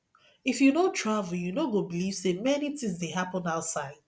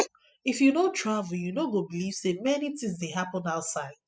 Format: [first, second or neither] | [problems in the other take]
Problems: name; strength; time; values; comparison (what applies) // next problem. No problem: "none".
first | noise reduction (classical method spectral subtraction)